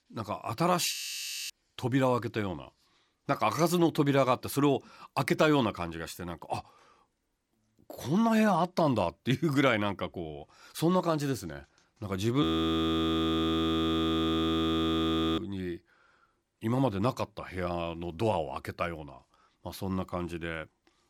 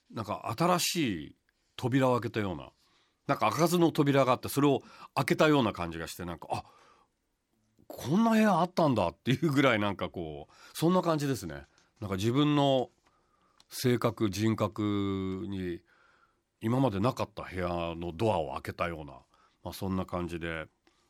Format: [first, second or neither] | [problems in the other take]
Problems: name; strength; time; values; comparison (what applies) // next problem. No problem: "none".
second | audio freezing; at 1 s for 0.5 s and at 12 s for 3 s